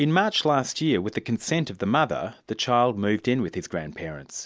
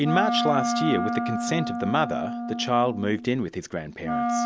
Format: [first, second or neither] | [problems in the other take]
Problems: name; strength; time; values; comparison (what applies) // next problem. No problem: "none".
first | background sound (Wind instrument, woodwind instrument); 2 dB below the speech